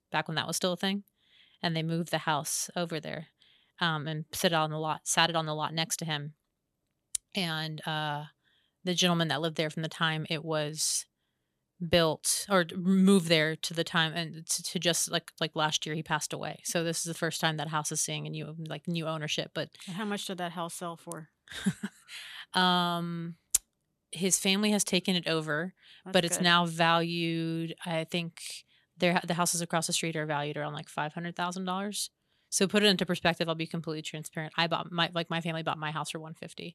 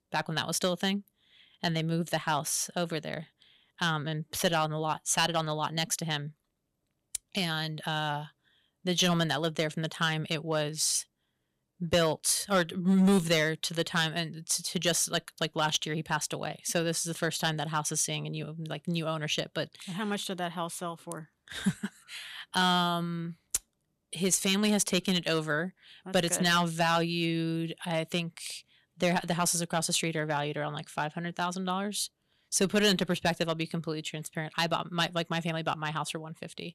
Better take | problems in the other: first | distortion; slight; 1.5% of the sound clipped

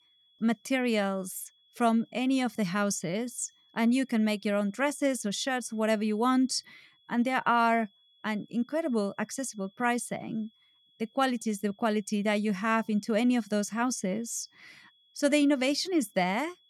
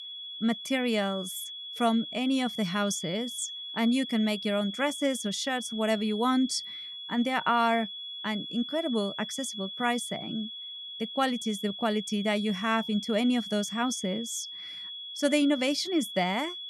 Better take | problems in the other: first | high-pitched whine; loud; throughout; 3.5 kHz, 8 dB below the speech; faint in the first

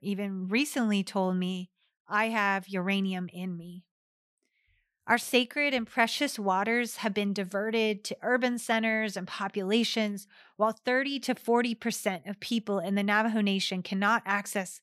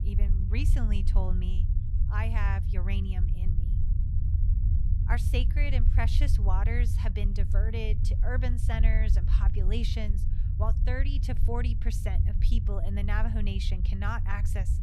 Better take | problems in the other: first | low rumble; loud; throughout; 7 dB below the speech

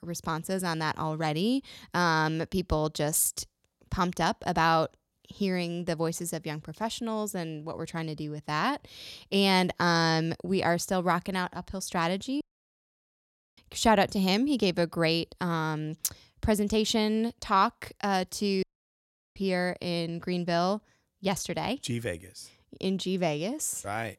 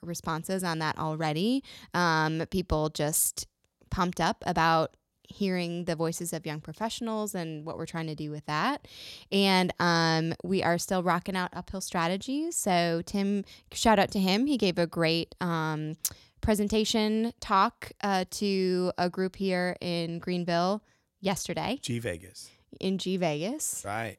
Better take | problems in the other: second | audio cutting out; at 12 s for 1 s and at 19 s for 0.5 s

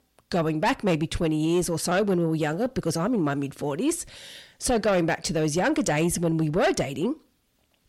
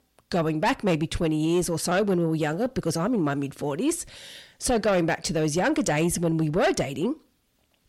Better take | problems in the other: neither | distortion; slight; 10 dB below the speech; the same in both

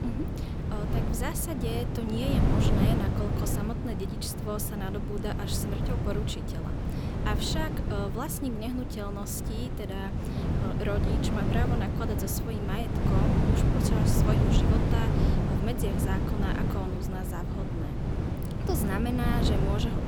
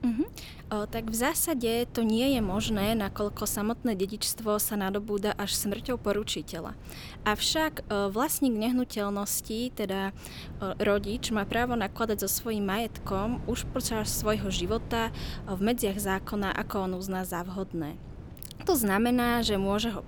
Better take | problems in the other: second | wind noise on the microphone; heavy; as loud as the speech; occasional gusts in the second

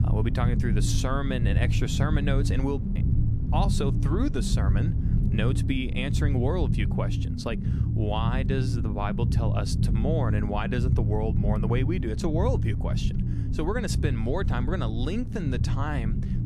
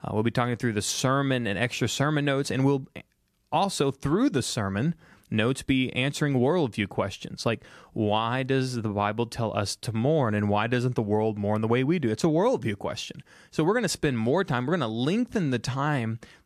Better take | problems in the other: second | low rumble; loud; throughout; 6 dB below the speech

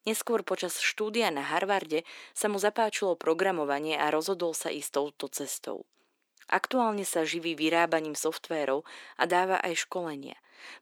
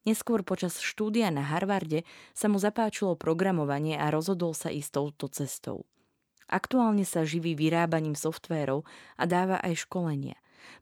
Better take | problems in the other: second | thin; somewhat; fading below 350 Hz

